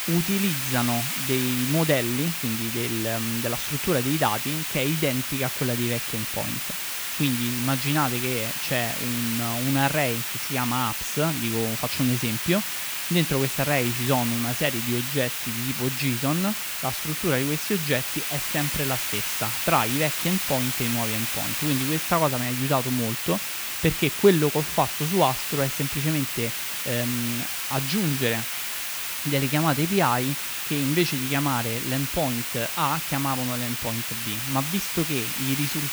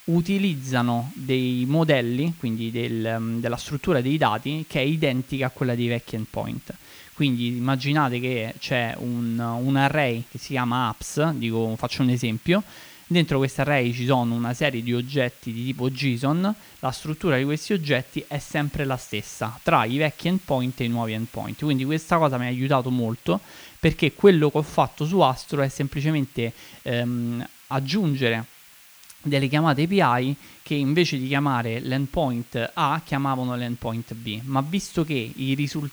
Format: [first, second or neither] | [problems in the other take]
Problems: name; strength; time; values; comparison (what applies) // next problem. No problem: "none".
second | hiss; loud; throughout; as loud as the speech; faint in the second